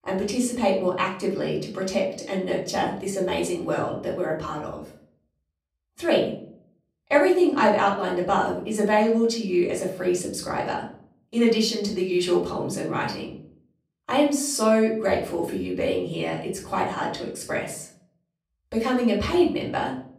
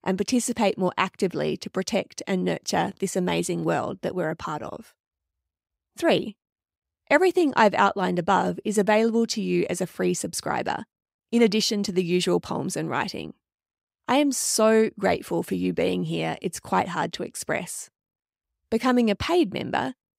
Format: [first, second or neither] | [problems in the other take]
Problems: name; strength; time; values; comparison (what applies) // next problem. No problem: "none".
second | off-mic speech; far // room echo; slight; dies away in 0.5 s